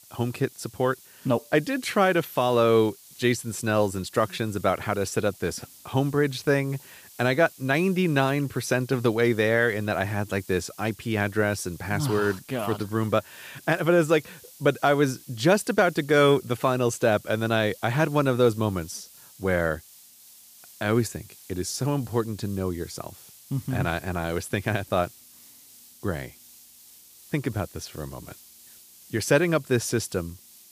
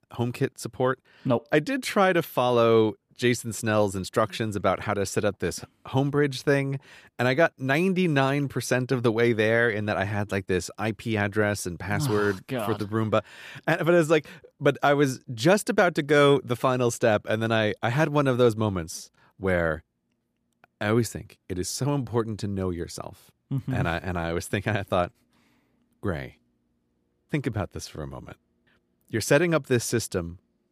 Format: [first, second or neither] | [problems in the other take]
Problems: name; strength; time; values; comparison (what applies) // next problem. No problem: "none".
second | hiss; faint; throughout; 20 dB below the speech